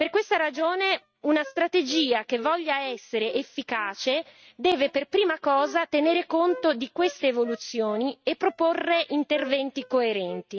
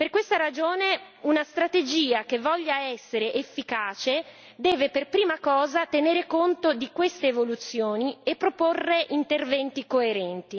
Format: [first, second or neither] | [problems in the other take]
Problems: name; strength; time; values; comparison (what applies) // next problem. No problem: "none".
second | noise reduction (neural mask model RNNoise)